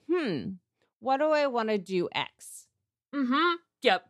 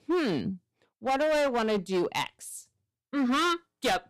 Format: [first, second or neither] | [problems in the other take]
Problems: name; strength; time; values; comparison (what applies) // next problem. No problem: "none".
first | distortion; heavy; 16% of the sound clipped